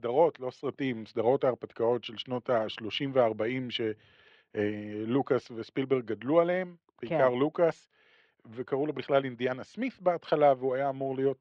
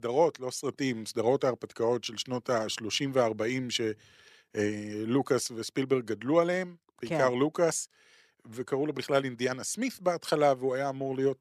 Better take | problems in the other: second | muffled; very; fading above 3 kHz

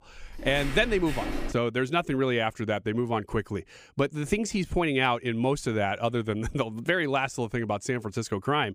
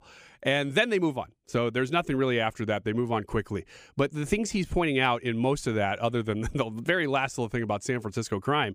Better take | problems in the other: second | footsteps; noticeable; until 1.5 s; peak 6 dB below the speech

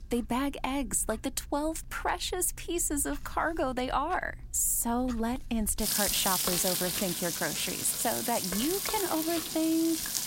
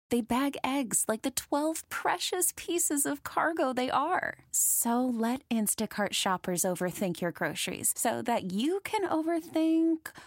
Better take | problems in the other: second | household noises; very loud; throughout; as loud as the speech

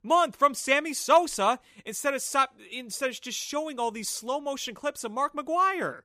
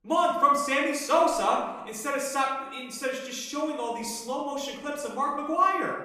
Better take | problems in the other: first | off-mic speech; far // room echo; noticeable; dies away in 0.9 s

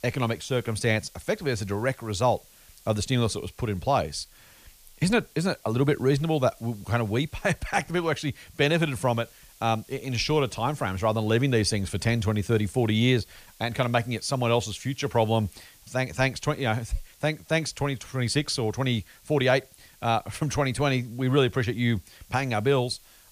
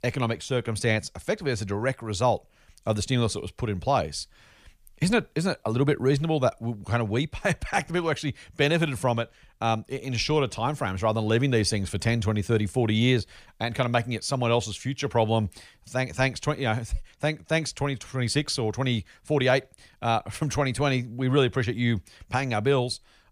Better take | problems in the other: second | hiss; faint; throughout; 25 dB below the speech

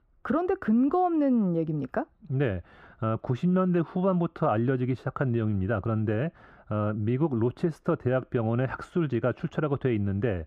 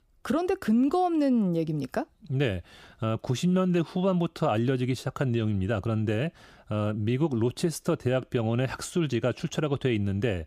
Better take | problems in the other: second | muffled; very; fading above 3 kHz

